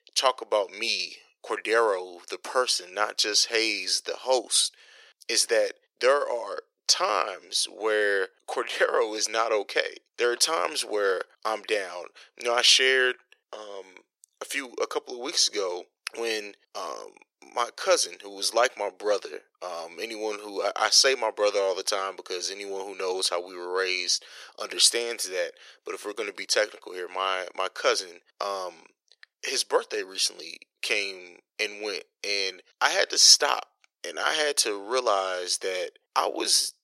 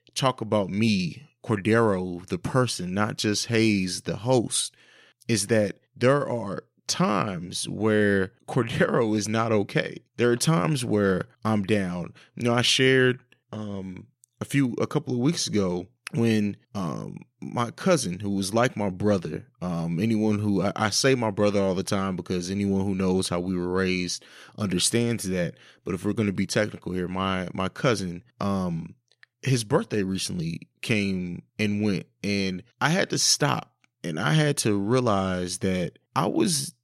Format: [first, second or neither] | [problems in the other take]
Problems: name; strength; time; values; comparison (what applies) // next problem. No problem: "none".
second | thin; very; fading below 450 Hz